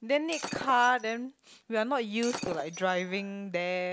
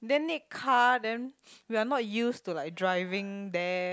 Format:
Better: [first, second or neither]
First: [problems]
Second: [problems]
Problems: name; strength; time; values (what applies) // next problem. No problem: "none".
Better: second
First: background sound (Shatter); 13 dB below the speech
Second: none